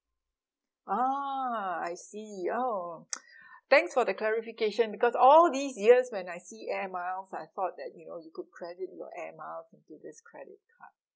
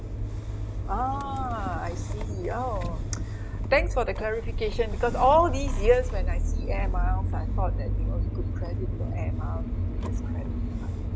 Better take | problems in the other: first | background sound (Engine starting / Motor vehicle (road)); 2 dB above the speech

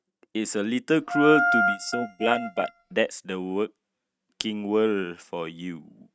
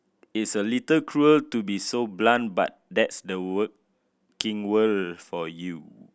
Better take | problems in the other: second | noise reduction (neural mask model RNNoise)

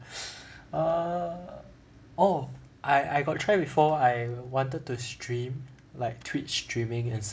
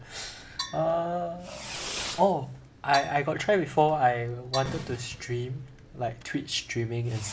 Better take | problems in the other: first | background sound (Percussion + Fireworks); 13 dB below the speech

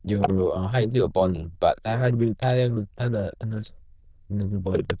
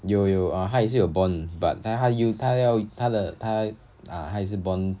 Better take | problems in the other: second | noise reduction (neural diffusion model UNIVERSE++)

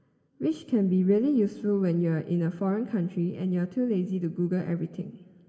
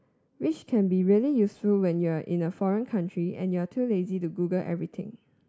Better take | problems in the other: second | room echo; dies away in 1.5 s

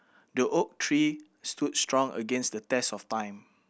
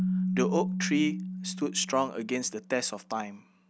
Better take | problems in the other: first | background sound (Keyboard (musical)); 3 dB below the speech

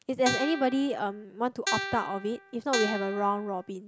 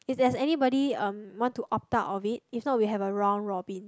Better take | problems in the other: second | background sound (Guitar); 6 dB below the speech

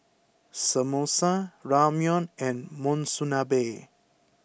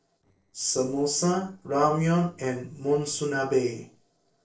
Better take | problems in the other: first | noise reduction (neural separator model SepFormer DNS4)

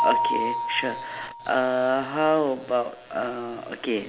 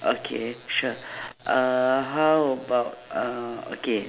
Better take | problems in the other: second | background sound (Mallet percussion); 5 dB below the speech

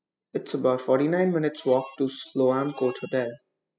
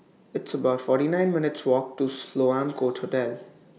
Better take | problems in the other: second | noise reduction (classical method spectral subtraction)

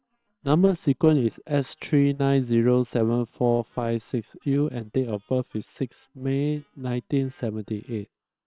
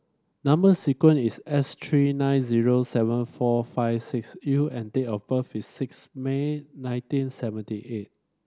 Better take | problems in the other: second | noise reduction (neural separator model SepFormer WHAM!)

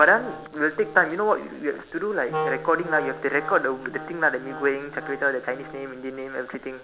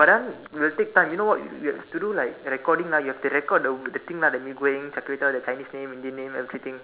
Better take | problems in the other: second | background sound (Wind instrument, woodwind instrument); 12 dB below the speech

